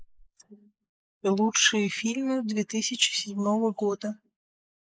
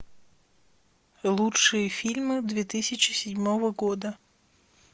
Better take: second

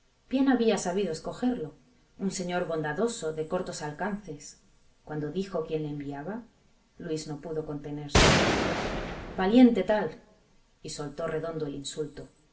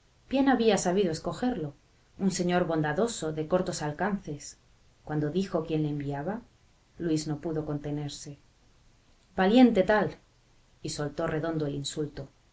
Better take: second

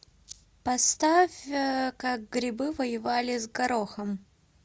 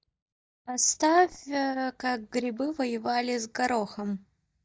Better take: first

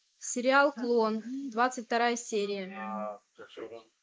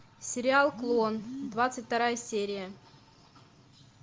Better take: second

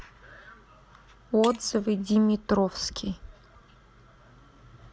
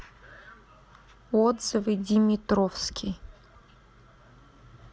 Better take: second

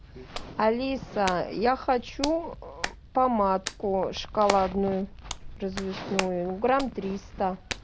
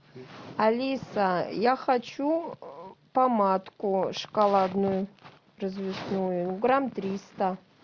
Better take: second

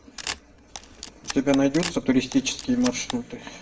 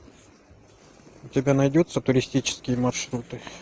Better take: second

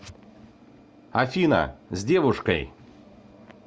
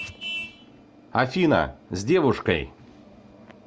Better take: first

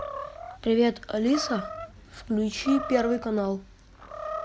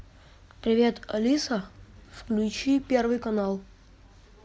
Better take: second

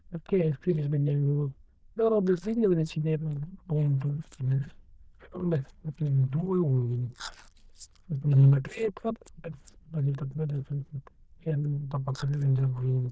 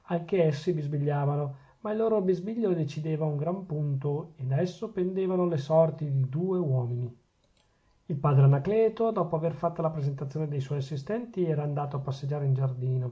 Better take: second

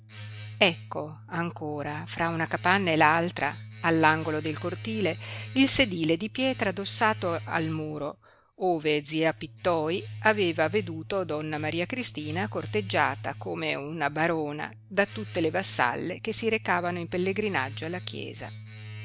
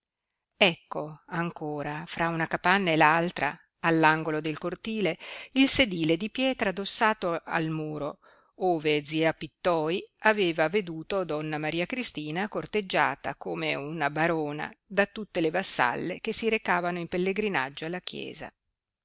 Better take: second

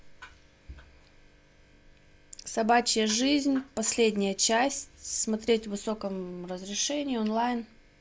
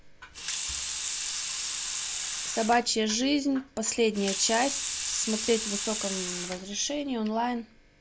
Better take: first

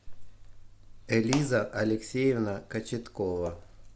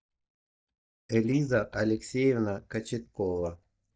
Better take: first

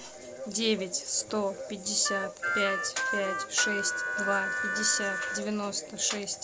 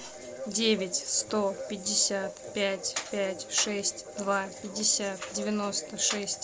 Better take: second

